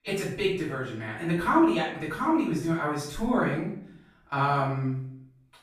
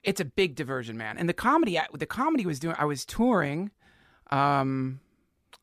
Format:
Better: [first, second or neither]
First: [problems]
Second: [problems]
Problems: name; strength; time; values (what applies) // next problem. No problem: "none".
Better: second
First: off-mic speech; far // room echo; noticeable; dies away in 0.5 s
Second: none